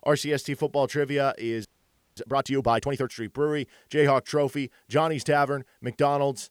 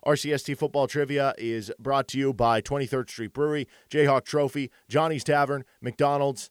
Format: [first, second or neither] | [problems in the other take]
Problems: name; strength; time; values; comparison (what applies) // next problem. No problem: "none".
second | audio freezing; at 1.5 s for 0.5 s